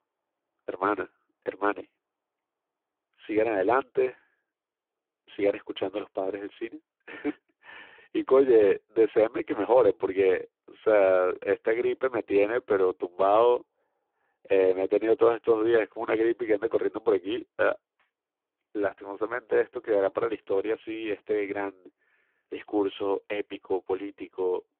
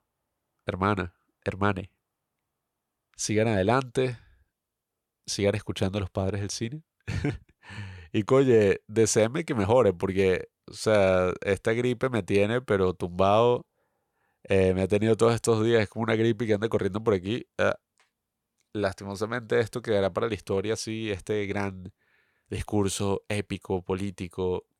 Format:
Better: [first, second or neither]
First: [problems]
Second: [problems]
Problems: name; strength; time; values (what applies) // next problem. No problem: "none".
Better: second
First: phone-call audio; poor line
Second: none